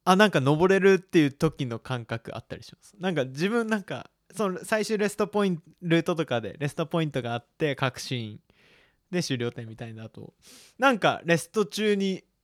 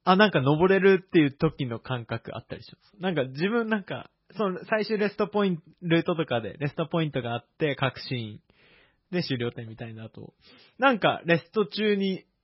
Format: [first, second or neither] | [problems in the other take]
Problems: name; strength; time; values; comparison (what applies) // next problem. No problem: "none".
first | garbled, watery; badly; nothing above 5.5 kHz